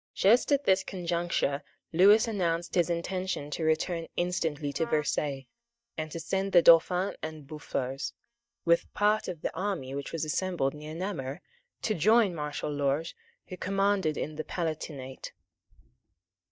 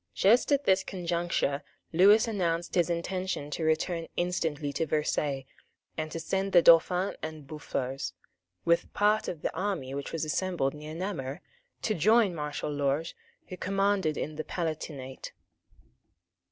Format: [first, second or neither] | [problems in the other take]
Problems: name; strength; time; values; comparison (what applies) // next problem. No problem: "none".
second | noise reduction (neural mask model DeepFilterNet 3)